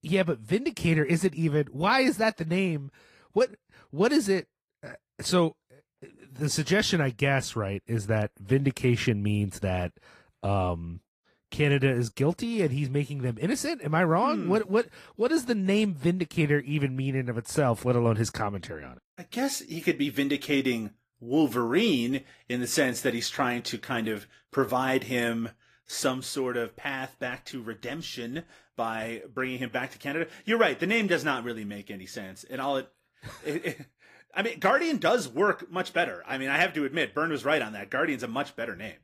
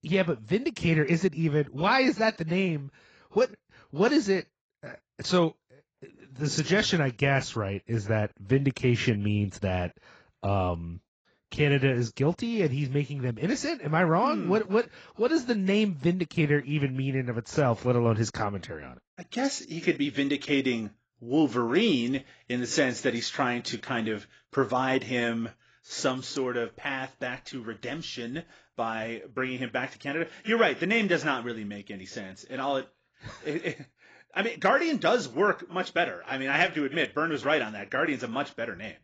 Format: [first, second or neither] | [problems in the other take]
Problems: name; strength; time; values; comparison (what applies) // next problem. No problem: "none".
first | garbled, watery; badly; nothing above 7.5 kHz; slightly in the first